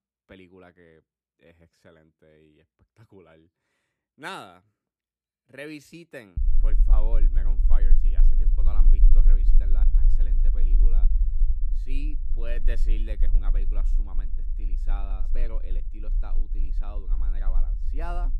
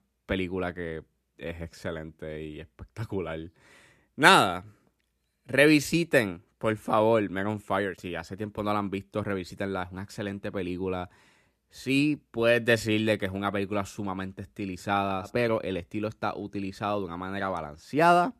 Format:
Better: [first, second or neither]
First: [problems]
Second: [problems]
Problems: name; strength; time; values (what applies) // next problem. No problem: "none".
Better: second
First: low rumble; loud; from 6.5 s on; 10 dB below the speech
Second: none